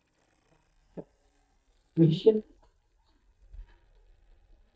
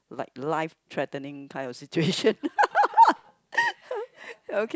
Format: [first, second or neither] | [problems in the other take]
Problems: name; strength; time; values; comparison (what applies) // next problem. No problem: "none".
second | noise reduction (neural mask model DeepFilterNet 3)